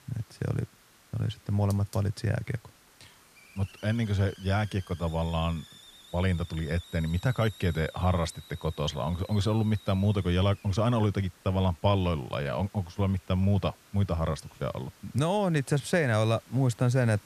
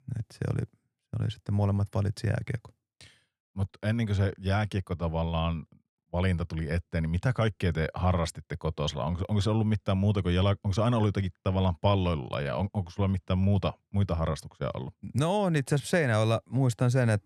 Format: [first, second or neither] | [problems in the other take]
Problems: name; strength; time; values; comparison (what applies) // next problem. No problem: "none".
second | hiss; faint; throughout; 20 dB below the speech